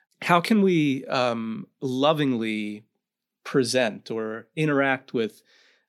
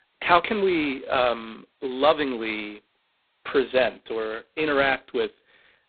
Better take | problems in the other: first | phone-call audio; poor line; nothing above 4 kHz

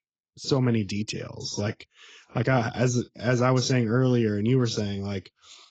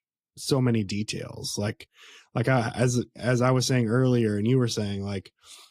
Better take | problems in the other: second | garbled, watery; badly; slightly in the second

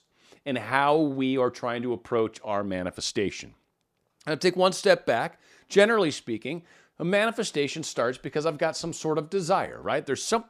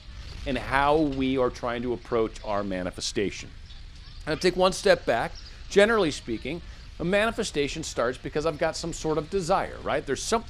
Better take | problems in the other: first | wind noise on the microphone; occasional gusts; 20 dB below the speech

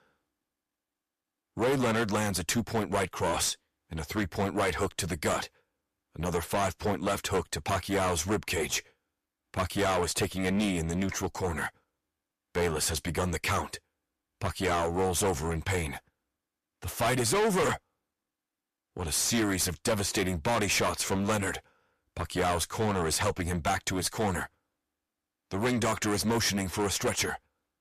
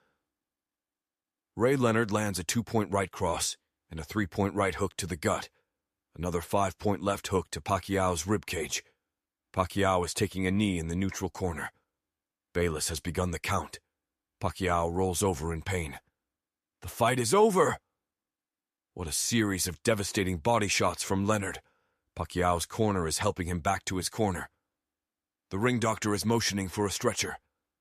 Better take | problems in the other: second | distortion; heavy; 12% of the sound clipped

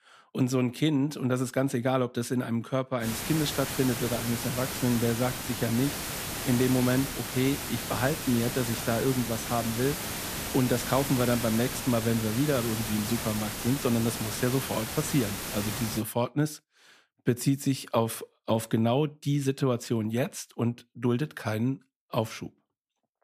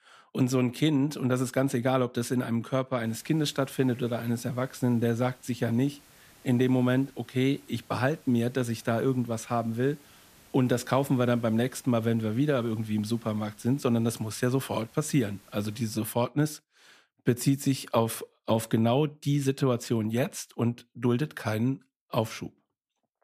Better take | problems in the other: second | hiss; loud; from 3 to 16 s; 4 dB below the speech; faint in the second

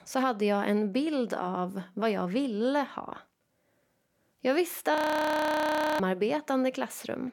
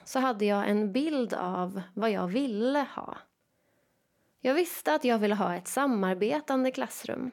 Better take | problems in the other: second | audio freezing; at 5 s for 1 s

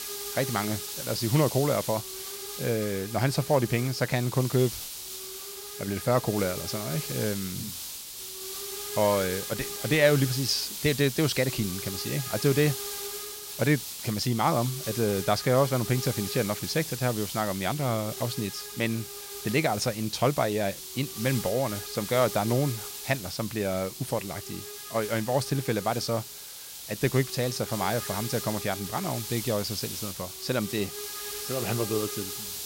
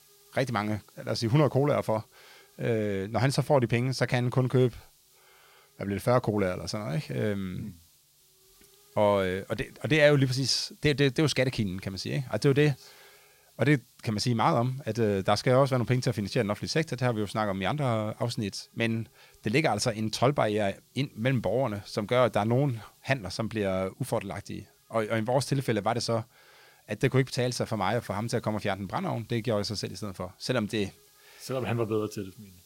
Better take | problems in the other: second | hiss; loud; throughout; 7 dB below the speech; faint in the second

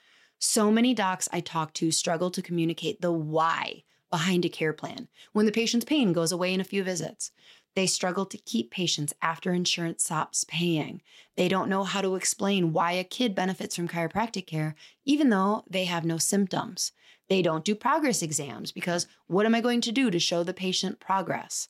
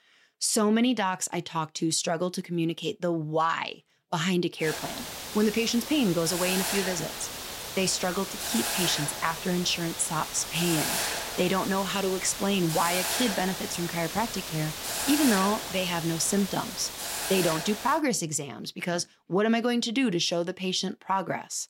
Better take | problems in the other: first | hiss; loud; from 4.5 to 18 s; 4 dB below the speech

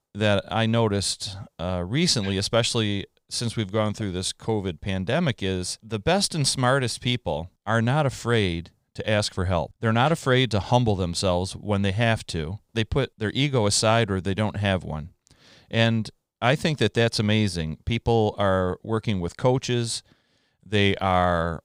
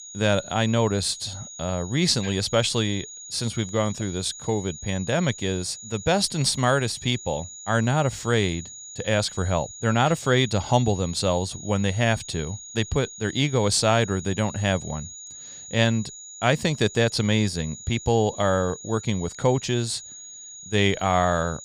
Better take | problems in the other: first | high-pitched whine; noticeable; throughout; 7 kHz, 15 dB below the speech

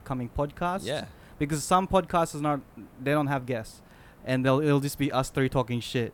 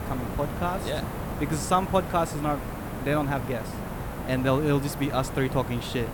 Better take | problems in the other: first | hiss; loud; throughout; 6 dB below the speech; faint in the first

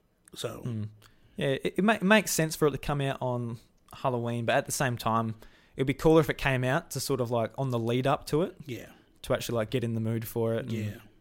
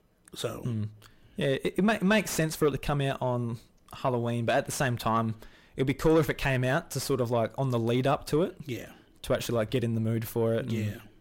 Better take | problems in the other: first | distortion; slight; 10 dB below the speech

